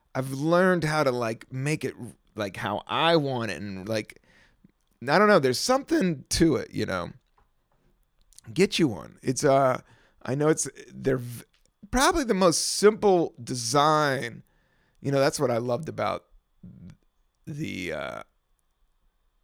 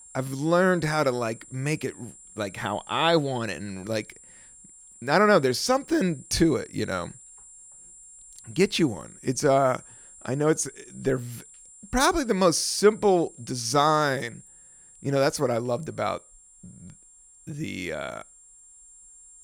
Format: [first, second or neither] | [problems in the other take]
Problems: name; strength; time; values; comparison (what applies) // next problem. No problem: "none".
first | high-pitched whine; faint; throughout; 7.5 kHz, 20 dB below the speech